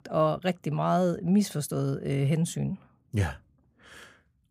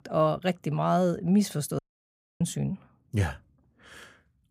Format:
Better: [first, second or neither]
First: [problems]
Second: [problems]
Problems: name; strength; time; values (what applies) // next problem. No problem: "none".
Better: first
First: none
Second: audio cutting out; at 2 s for 0.5 s